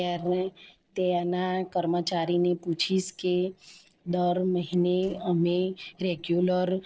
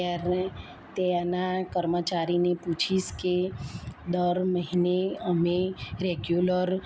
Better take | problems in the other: second | noise reduction (neural separator model SepFormer DNS4)

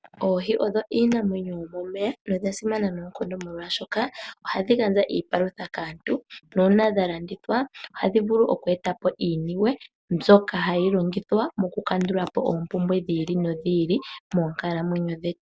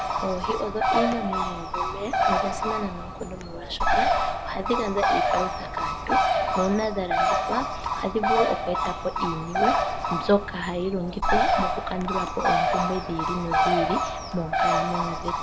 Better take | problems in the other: first | background sound (Bird); 4 dB above the speech

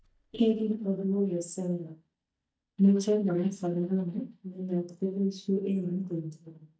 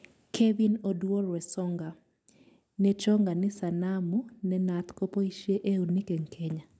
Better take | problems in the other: second | noise reduction (neural mask model DeepFilterNet 3)

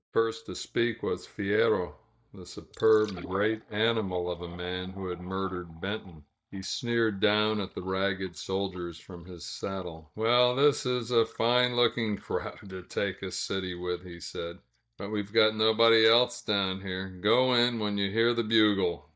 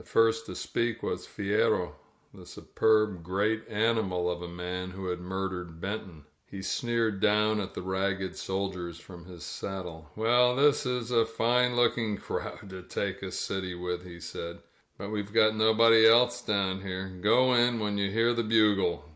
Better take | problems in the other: second | noise reduction (neural mask model DeepFilterNet 3)

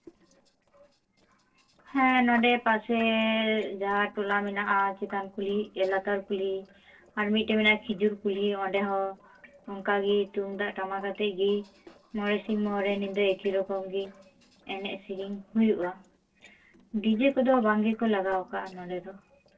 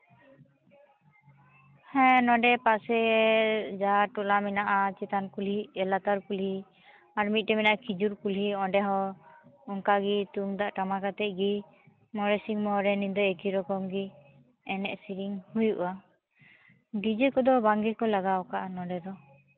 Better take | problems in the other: second | noise reduction (neural separator model SepFormer DNS4)

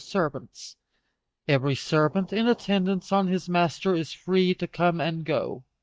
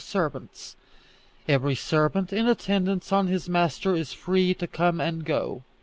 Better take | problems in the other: second | noise reduction (neural mask model DeepFilterNet 3)

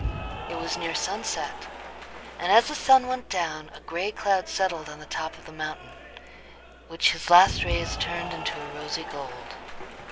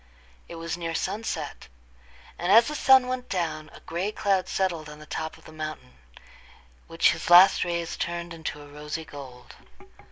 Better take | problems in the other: second | background sound (Applause / Cheering); 10 dB below the speech

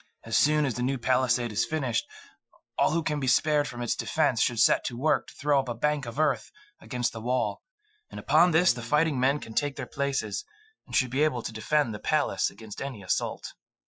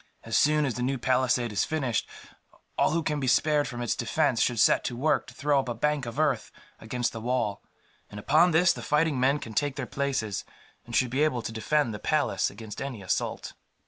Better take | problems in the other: second | noise reduction (classical method Wiener filter)

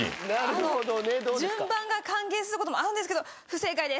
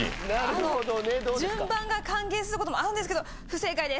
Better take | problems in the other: first | background sound (Thunder); 12 dB below the speech

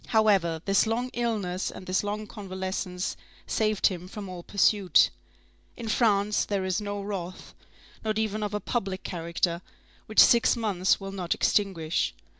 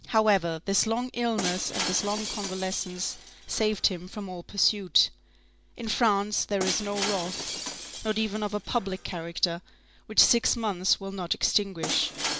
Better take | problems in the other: first | background sound (Shatter); 9 dB below the speech

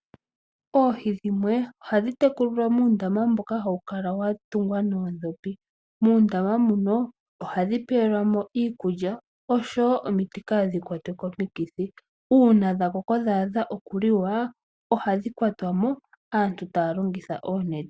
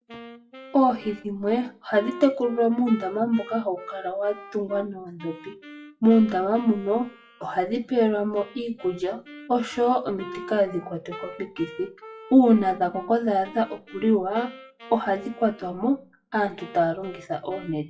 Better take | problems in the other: first | noise reduction (classical method WPE with log-MMSE)

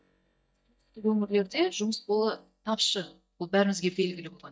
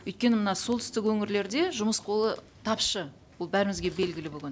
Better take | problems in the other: second | noise reduction (neural mask model DeepFilterNet 3)

